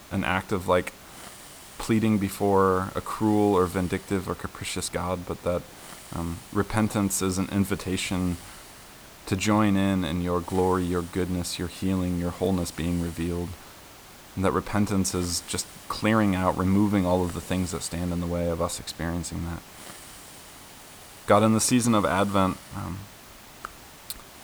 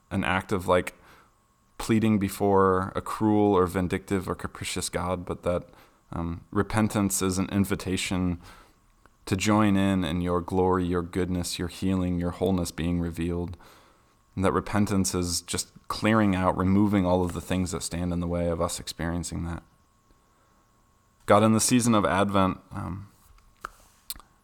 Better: second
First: hiss; noticeable; throughout; 20 dB below the speech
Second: none

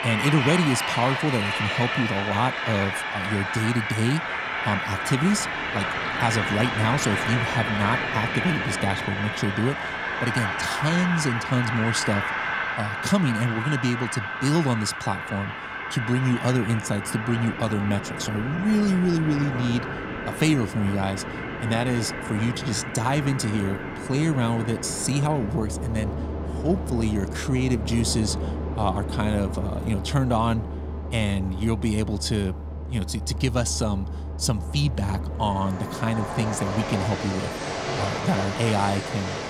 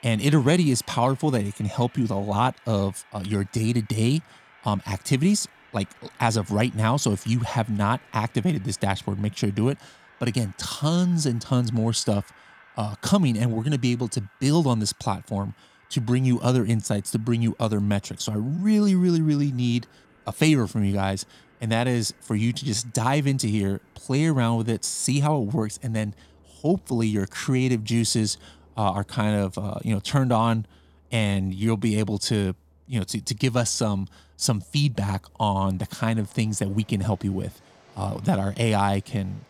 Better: second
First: train or aircraft noise; loud; throughout; 3 dB below the speech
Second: train or aircraft noise; faint; throughout; 30 dB below the speech

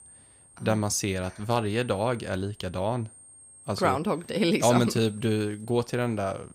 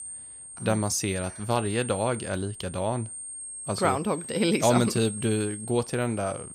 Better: first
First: high-pitched whine; faint; throughout; 8.5 kHz, 25 dB below the speech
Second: high-pitched whine; loud; throughout; 8.5 kHz, 10 dB below the speech

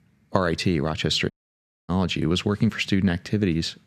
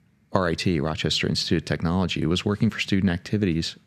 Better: second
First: audio cutting out; at 1.5 s for 0.5 s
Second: none

